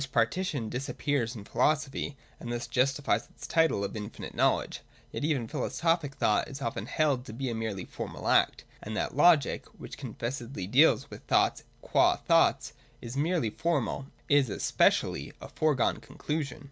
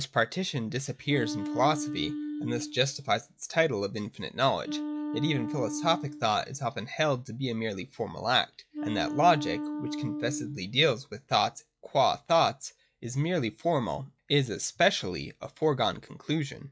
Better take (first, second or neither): first